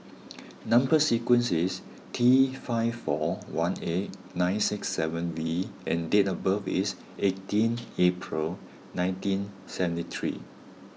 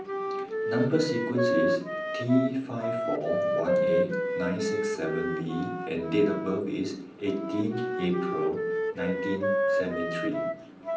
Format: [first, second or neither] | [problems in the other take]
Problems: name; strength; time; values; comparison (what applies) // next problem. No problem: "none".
first | background sound (Wind instrument, woodwind instrument); as loud as the speech // room echo; dies away in 0.6 s